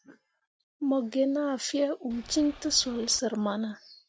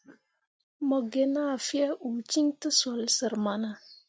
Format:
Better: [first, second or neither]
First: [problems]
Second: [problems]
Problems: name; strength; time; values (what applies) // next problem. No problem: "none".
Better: second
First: background sound (Boat, Water vehicle); 19 dB below the speech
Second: none